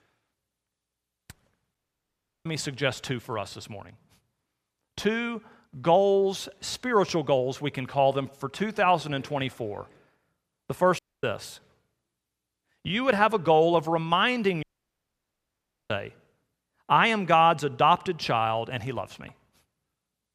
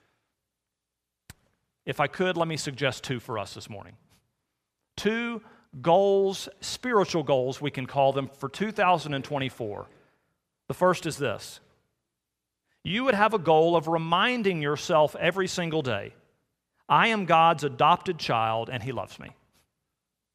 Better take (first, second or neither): second